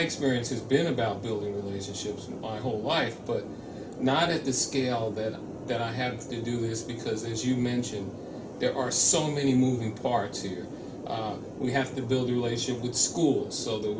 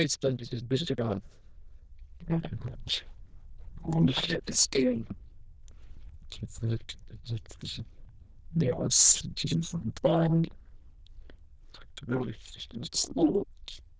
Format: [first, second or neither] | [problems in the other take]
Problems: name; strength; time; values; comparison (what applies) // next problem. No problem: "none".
first | noise reduction (neural diffusion model UNIVERSE++)